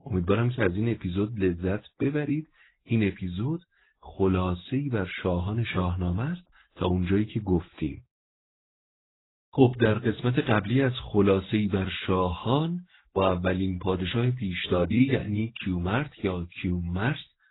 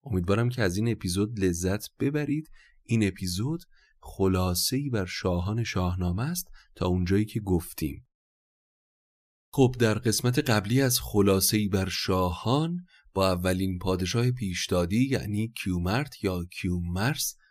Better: second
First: garbled, watery; badly; nothing above 4 kHz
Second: none

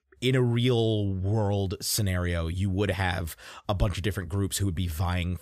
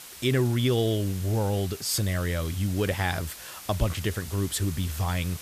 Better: first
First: none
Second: hiss; noticeable; throughout; 15 dB below the speech

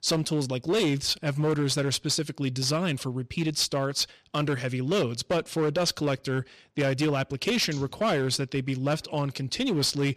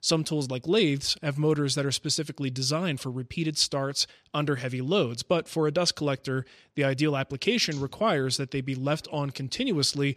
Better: second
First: distortion; slight; 10% of the sound clipped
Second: none

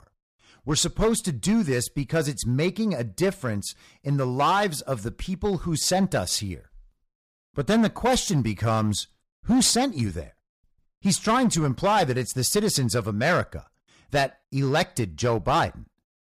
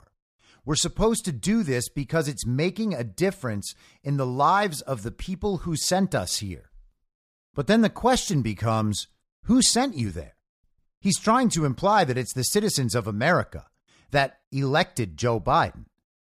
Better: second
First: distortion; slight; 5% of the sound clipped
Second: none

